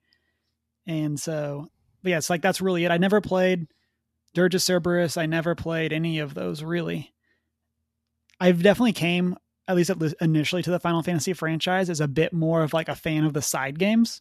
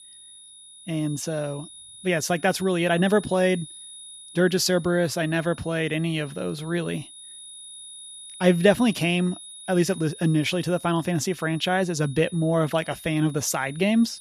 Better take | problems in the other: first | high-pitched whine; noticeable; throughout; 10 kHz, 15 dB below the speech

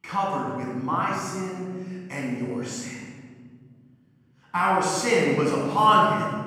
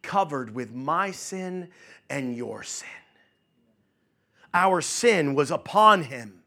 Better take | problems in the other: second | room echo; strong; dies away in 2.2 s // off-mic speech; far

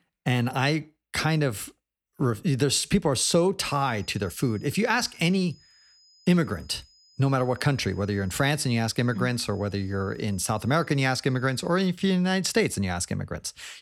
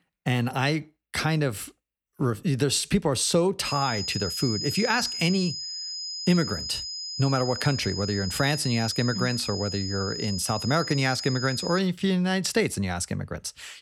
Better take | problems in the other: first | high-pitched whine; loud; from 3.5 to 12 s; 5 kHz, 5 dB below the speech; faint in the first

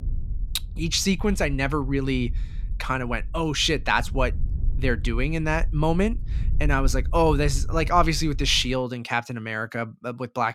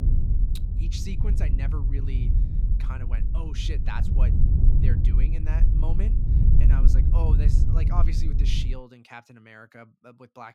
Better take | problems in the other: first | low rumble; loud; until 8.5 s; 1 dB below the speech; faint in the first

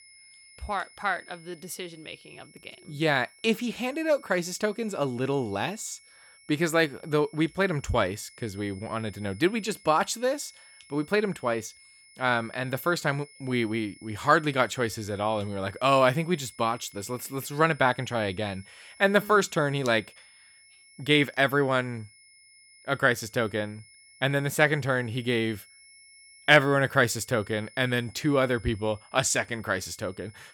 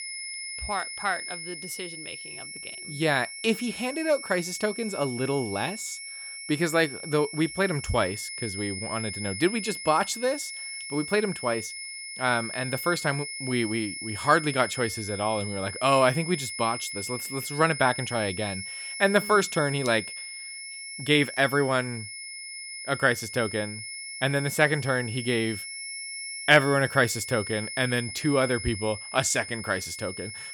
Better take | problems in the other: first | high-pitched whine; loud; throughout; 2 kHz, 8 dB below the speech; faint in the first

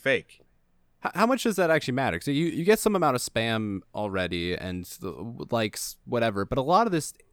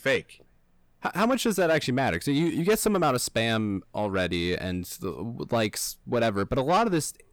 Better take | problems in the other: first | distortion; slight; 10 dB below the speech

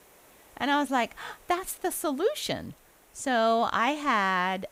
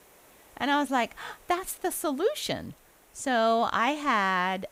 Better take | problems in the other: neither | hiss; faint; throughout; 30 dB below the speech; the same in both

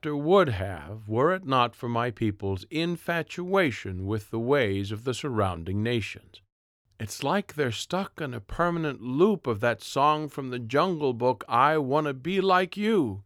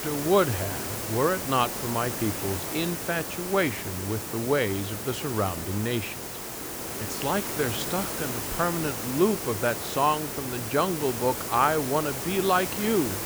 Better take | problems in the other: first | hiss; loud; throughout; 4 dB below the speech

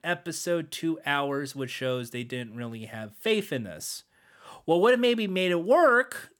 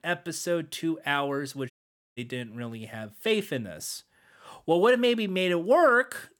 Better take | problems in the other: first | audio cutting out; at 1.5 s

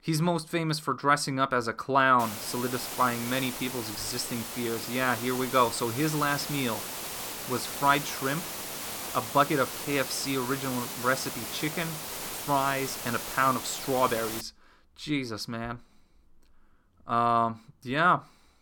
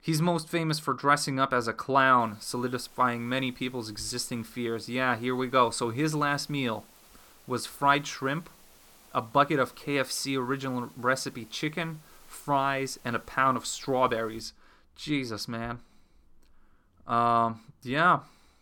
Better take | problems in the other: second | hiss; loud; from 2 to 14 s; 7 dB below the speech; faint in the second

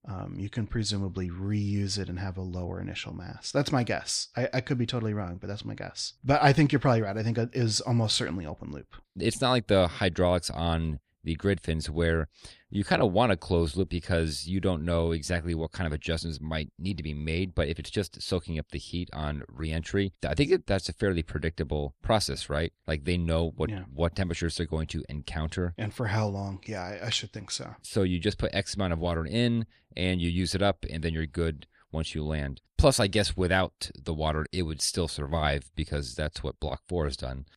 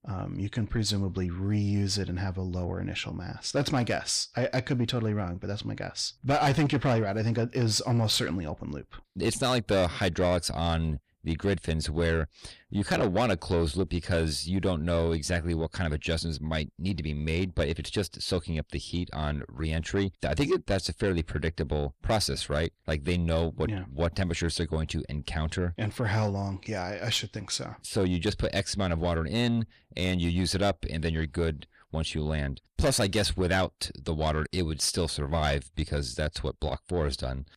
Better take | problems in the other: first | distortion; slight; 10 dB below the speech

